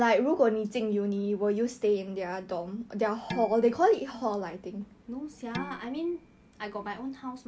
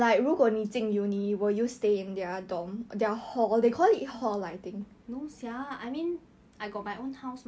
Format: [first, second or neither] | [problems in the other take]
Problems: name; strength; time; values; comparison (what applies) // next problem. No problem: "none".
second | background sound (Dishes, pots, and pans); 15 dB below the speech